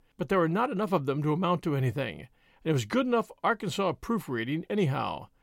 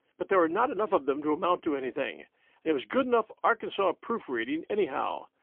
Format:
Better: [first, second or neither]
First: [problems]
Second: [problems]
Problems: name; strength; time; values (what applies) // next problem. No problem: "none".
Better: first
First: none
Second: phone-call audio; poor line; nothing above 3.5 kHz